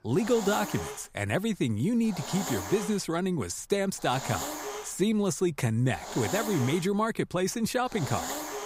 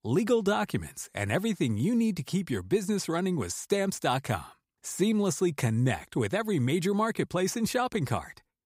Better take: second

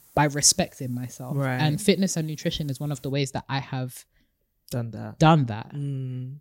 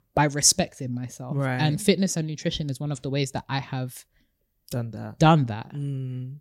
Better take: second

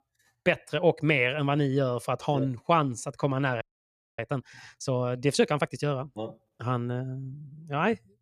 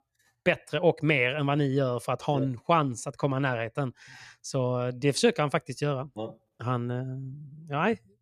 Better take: second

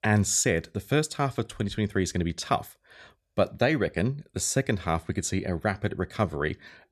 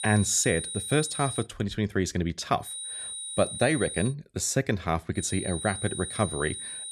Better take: first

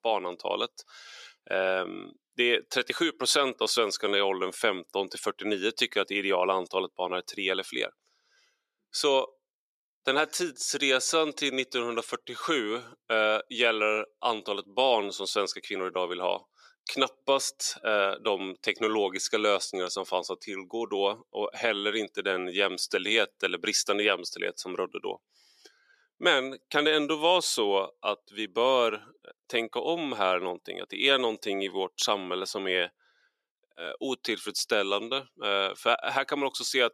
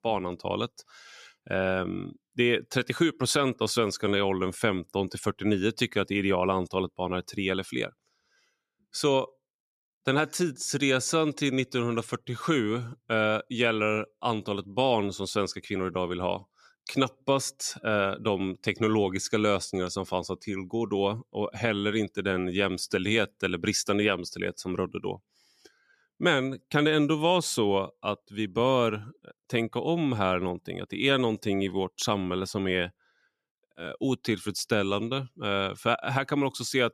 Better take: second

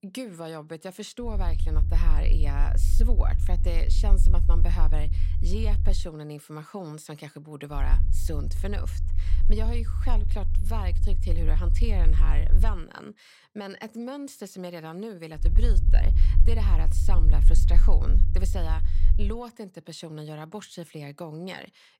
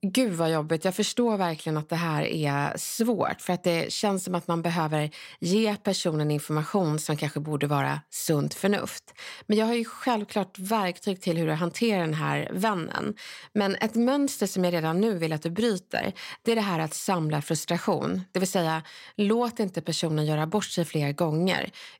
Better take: second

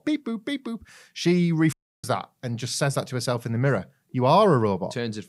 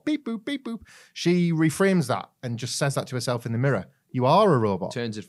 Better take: second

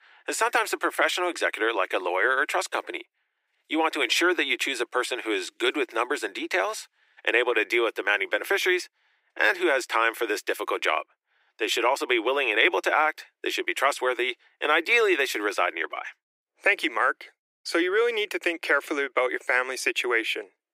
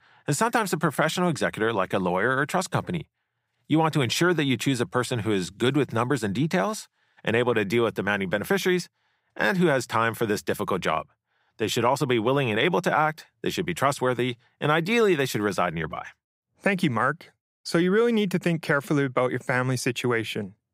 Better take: second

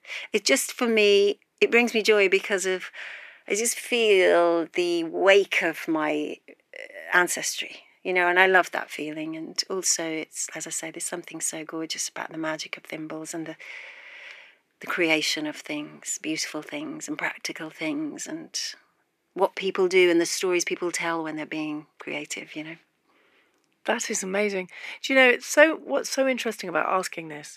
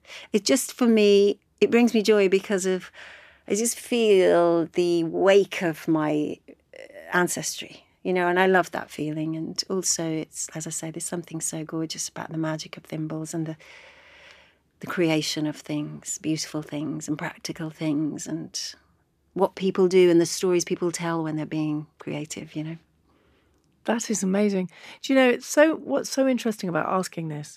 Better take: second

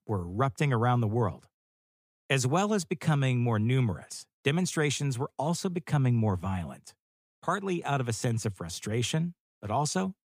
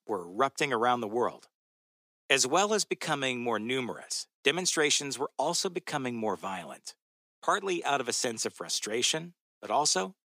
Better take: first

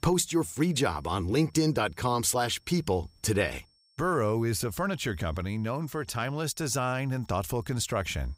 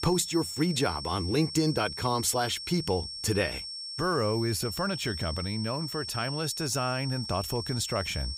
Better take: first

